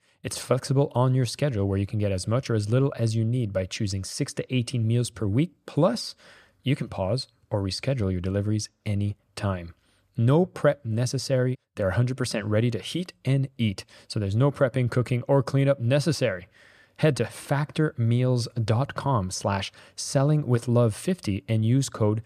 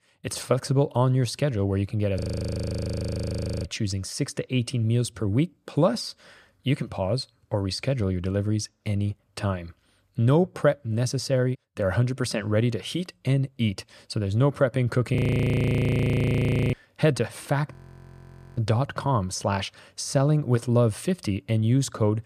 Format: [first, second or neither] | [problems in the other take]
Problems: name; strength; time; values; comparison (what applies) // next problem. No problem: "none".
first | audio freezing; at 2 s for 1.5 s, at 15 s for 1.5 s and at 18 s for 1 s